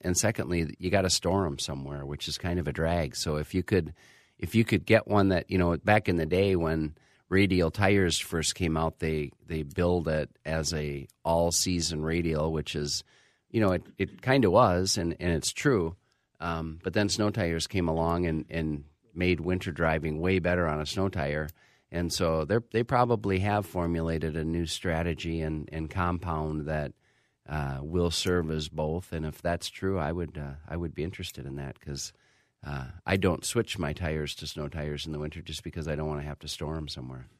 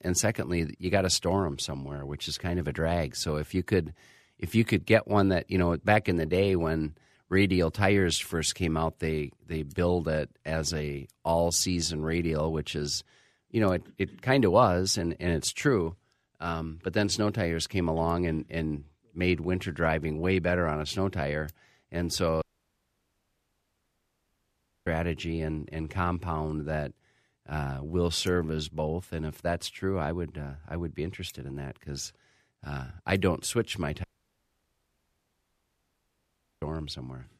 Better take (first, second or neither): first